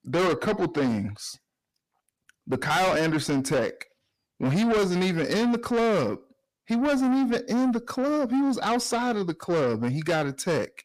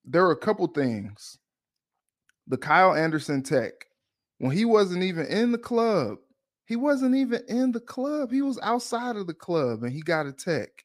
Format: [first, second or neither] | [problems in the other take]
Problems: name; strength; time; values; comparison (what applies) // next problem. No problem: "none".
second | distortion; heavy; 6 dB below the speech